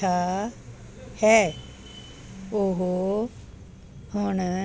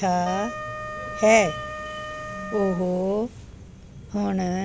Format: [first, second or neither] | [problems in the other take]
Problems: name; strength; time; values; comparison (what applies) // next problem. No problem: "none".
first | background sound (Wind instrument, woodwind instrument); 11 dB below the speech